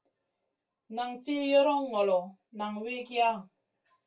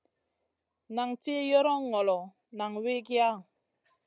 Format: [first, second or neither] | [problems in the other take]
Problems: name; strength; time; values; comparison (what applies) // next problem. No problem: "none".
second | room echo; dies away in 0.2 s